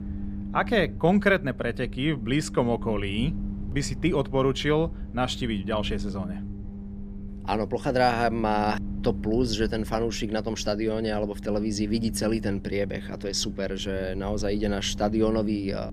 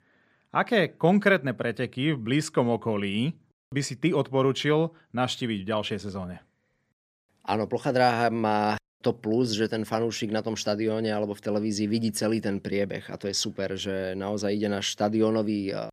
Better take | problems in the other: second | low rumble; noticeable; throughout; 15 dB below the speech

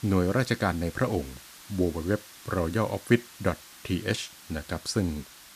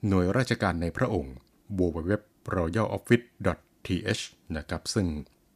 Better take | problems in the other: second | hiss; noticeable; throughout; 15 dB below the speech

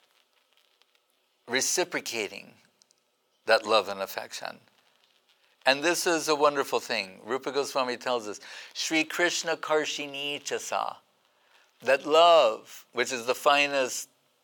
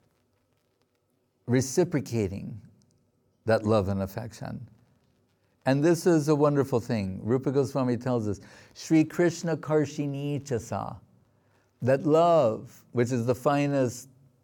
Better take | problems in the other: second | thin; very; fading below 750 Hz

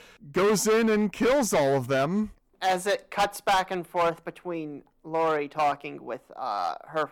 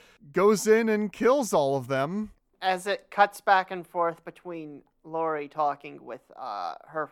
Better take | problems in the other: second | distortion; heavy; 11% of the sound clipped

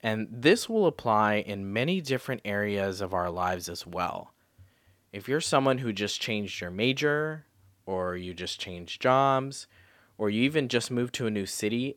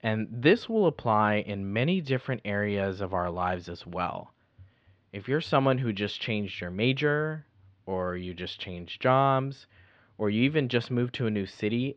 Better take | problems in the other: first | muffled; slightly; fading above 4 kHz

